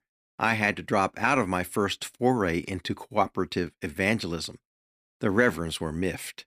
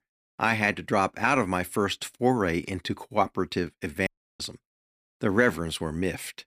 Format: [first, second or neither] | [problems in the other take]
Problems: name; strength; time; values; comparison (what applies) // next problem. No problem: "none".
first | audio cutting out; at 4 s